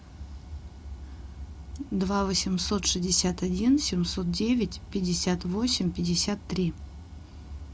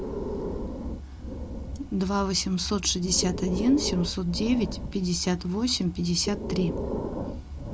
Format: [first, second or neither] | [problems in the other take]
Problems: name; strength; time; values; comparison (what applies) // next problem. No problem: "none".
first | background sound (Breathing); 7 dB below the speech